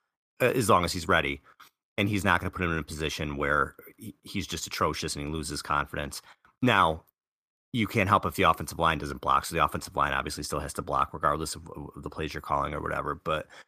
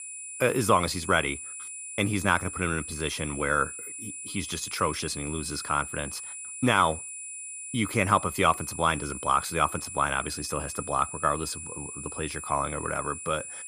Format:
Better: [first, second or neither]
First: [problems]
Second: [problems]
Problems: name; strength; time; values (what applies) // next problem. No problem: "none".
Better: first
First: none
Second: high-pitched whine; loud; throughout; 9.5 kHz, 8 dB below the speech